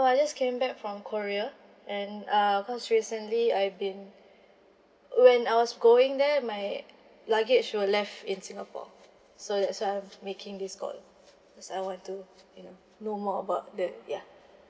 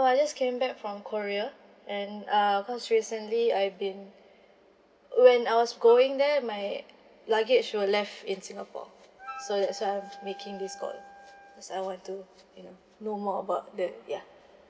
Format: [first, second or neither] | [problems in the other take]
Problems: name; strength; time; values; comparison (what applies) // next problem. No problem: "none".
first | background sound (Wind instrument, woodwind instrument + Wind instrument, woodwind instrument); 18 dB below the speech